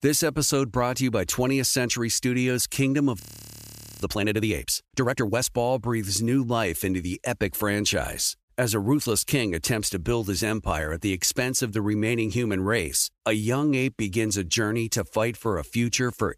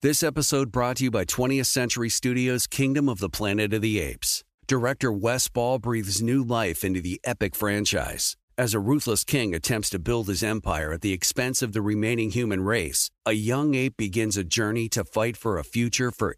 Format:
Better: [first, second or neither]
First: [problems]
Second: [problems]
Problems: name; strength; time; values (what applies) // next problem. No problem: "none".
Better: second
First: audio freezing; at 3 s for 1 s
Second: none